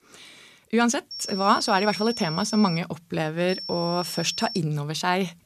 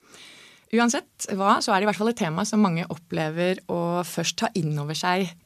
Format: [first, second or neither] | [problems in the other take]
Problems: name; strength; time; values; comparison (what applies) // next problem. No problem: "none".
second | high-pitched whine; loud; from 1 to 3 s and from 3.5 to 4.5 s; 5.5 kHz, 8 dB below the speech